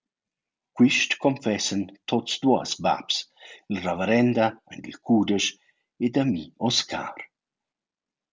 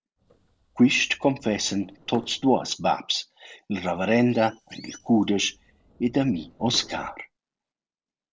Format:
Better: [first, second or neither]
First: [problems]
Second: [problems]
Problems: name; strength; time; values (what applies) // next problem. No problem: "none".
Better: first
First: none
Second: noise reduction (neural separator model SepFormer DNS4)